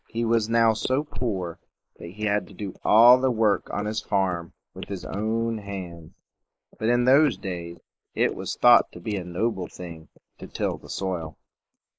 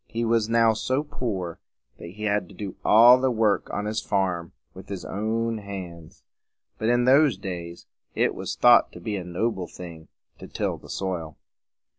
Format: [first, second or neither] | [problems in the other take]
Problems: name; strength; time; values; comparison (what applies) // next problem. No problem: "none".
second | noise reduction (neural mask model Resemble Enhance denoiser)